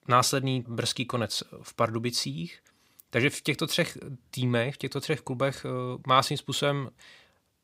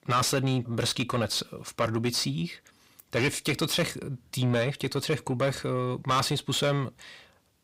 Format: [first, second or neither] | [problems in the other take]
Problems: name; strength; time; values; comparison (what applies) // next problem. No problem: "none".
first | distortion; heavy; 7 dB below the speech